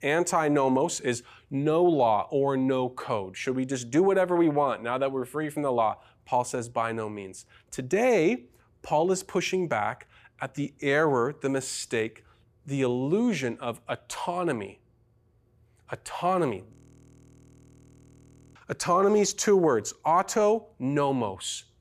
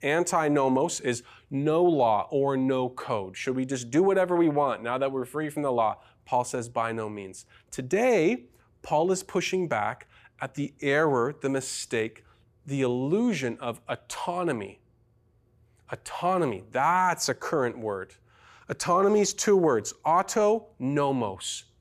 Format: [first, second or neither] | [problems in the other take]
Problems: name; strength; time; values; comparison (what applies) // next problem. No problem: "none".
second | audio freezing; at 17 s for 2 s